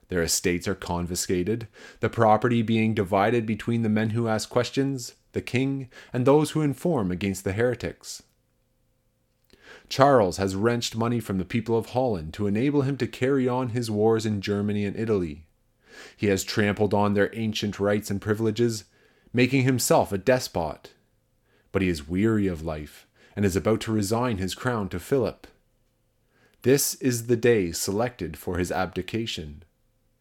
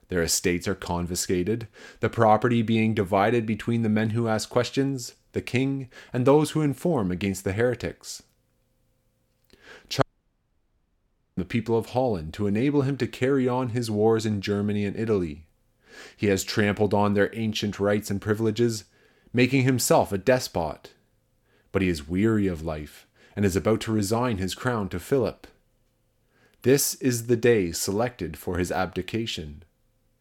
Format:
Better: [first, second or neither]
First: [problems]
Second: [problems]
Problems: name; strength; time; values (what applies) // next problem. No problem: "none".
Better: first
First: none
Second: audio cutting out; at 10 s for 1.5 s